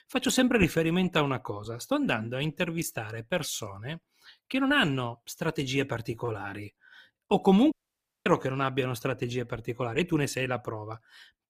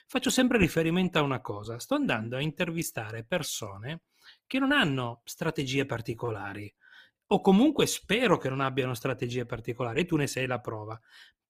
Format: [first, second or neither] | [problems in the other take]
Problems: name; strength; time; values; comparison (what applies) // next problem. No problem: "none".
second | audio cutting out; at 7.5 s for 0.5 s